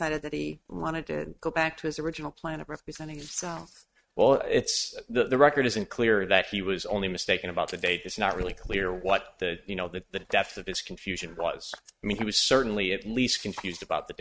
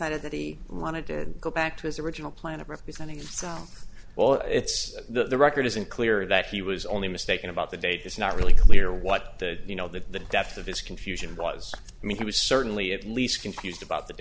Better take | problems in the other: second | noise reduction (neural mask model RNNoise)

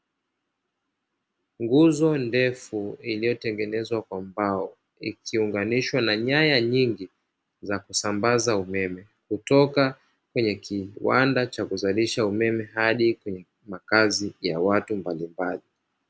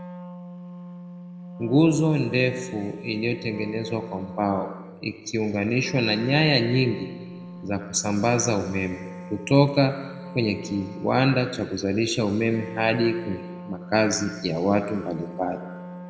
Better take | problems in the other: first | background sound (Wind instrument, woodwind instrument); 14 dB below the speech // room echo; dies away in 1.6 s

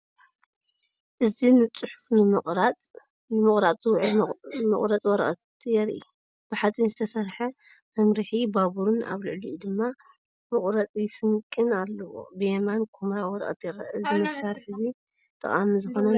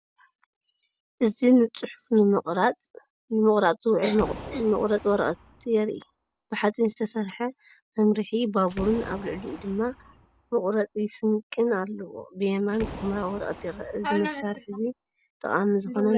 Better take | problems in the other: first | background sound (Boom); 16 dB below the speech

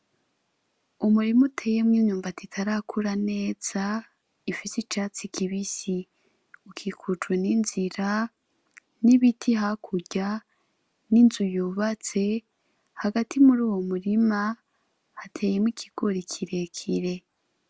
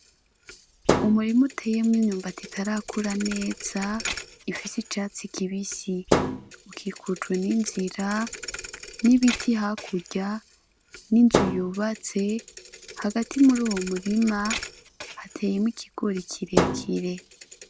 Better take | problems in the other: first | background sound (Thump, thud); 6 dB below the speech

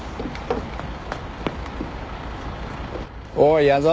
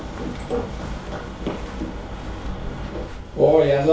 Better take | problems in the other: first | background sound (Walk, footsteps); 17 dB below the speech // room echo; dies away in 0.3 s

